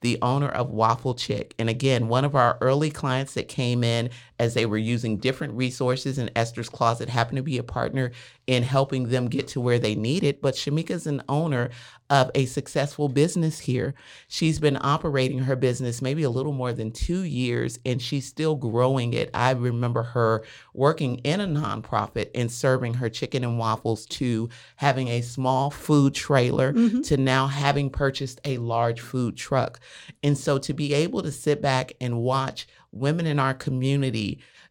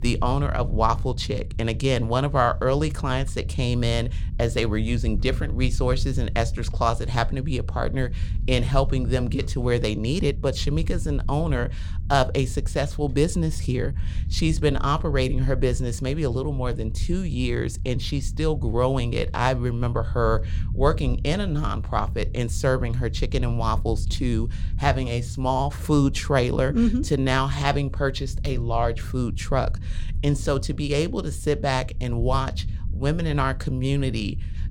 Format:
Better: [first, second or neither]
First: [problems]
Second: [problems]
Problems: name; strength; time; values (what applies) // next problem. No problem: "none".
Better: first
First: none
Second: low rumble; faint; throughout; 20 dB below the speech